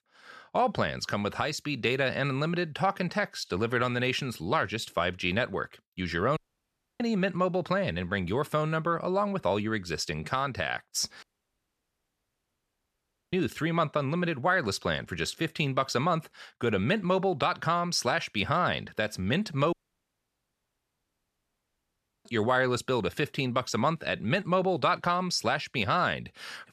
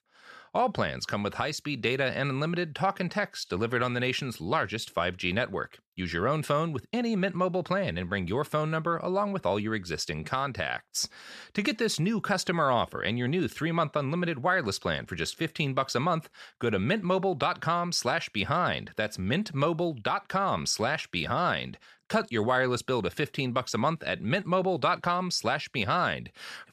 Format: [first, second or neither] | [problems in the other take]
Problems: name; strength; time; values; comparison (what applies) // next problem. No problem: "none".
second | audio cutting out; at 6.5 s for 0.5 s, at 11 s for 2 s and at 20 s for 2.5 s